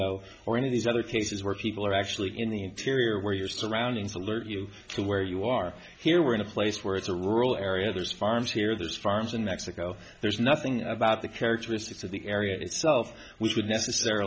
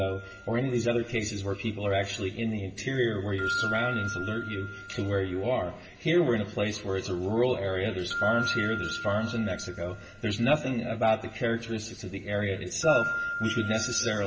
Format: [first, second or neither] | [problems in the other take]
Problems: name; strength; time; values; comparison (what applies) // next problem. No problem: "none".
first | background sound (Keyboard (musical)); 9 dB below the speech // room echo; dies away in 2.4 s